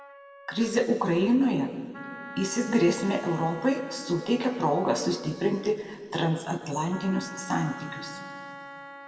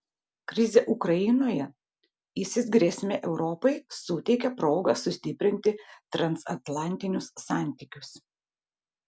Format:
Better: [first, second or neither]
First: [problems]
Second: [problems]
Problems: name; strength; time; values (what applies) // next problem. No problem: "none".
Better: second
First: background sound (Wind instrument, woodwind instrument); 16 dB below the speech // room echo; dies away in 1.9 s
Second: none